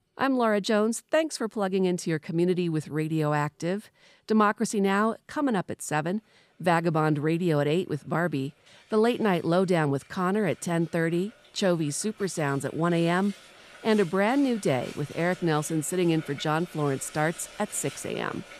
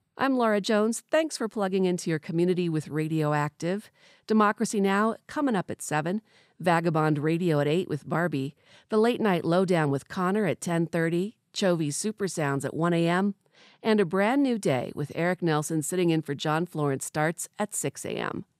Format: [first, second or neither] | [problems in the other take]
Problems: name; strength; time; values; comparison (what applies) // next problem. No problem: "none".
second | household noises; faint; throughout; 20 dB below the speech